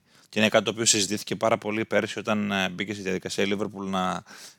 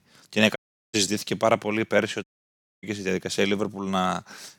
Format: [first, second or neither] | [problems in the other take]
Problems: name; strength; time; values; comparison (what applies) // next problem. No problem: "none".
first | audio cutting out; at 0.5 s and at 2 s for 0.5 s